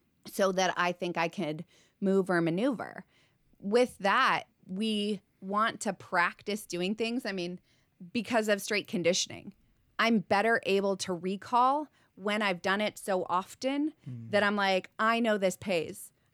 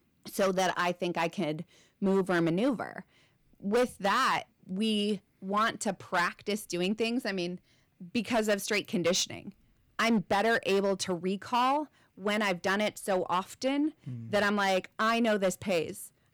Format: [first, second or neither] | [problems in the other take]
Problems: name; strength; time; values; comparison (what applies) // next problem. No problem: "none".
first | distortion; slight; 6% of the sound clipped